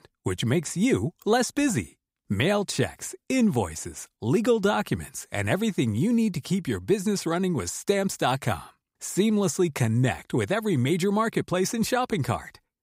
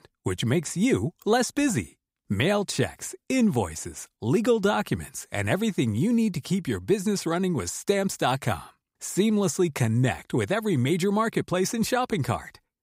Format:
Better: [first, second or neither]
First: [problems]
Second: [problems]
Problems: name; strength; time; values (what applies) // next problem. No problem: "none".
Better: neither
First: none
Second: none